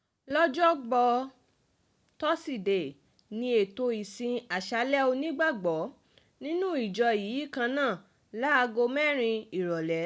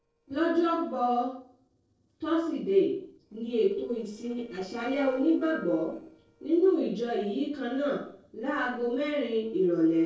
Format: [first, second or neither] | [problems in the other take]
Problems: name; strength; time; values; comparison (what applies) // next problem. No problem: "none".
first | noise reduction (neural separator model SepFormer DNS4)